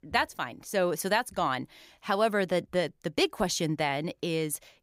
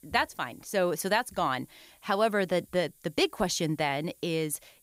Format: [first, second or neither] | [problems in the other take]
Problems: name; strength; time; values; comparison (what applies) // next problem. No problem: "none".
first | hiss; faint; throughout; 30 dB below the speech